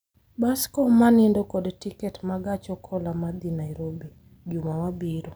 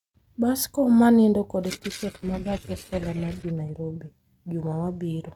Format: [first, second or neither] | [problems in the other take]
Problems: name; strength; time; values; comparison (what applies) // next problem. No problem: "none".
first | noise reduction (neural mask model RNNoise)